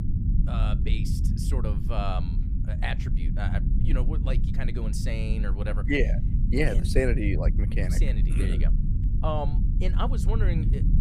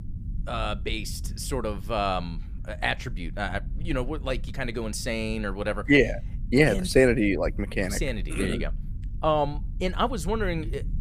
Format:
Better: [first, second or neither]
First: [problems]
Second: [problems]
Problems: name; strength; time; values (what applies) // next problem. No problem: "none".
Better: second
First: low rumble; loud; throughout; 8 dB below the speech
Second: low rumble; faint; throughout; 25 dB below the speech